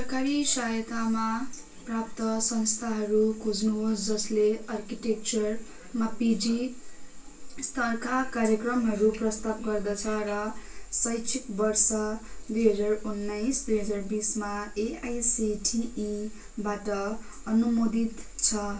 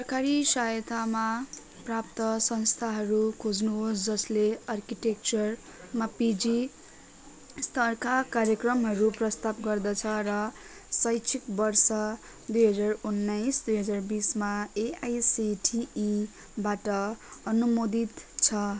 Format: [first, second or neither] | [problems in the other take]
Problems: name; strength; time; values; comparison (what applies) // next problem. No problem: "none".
second | room echo; dies away in 0.3 s